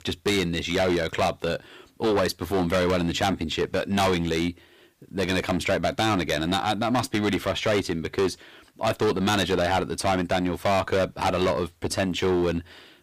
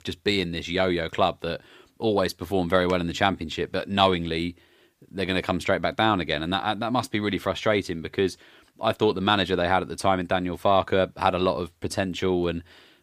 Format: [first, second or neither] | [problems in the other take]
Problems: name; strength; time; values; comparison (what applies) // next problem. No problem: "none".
second | distortion; heavy; 12% of the sound clipped